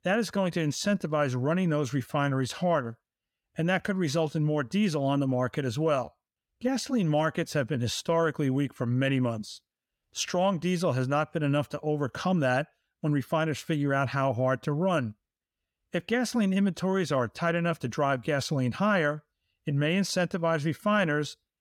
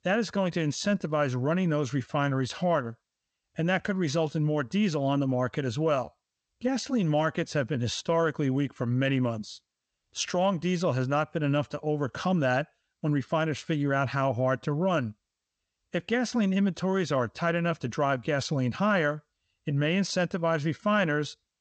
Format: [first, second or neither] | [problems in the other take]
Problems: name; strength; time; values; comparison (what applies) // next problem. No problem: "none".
first | garbled, watery; slightly